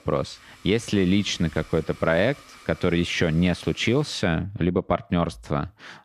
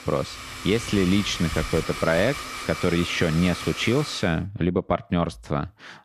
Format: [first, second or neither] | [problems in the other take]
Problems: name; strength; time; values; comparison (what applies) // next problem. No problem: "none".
first | household noises; loud; until 4 s; 9 dB below the speech; faint in the first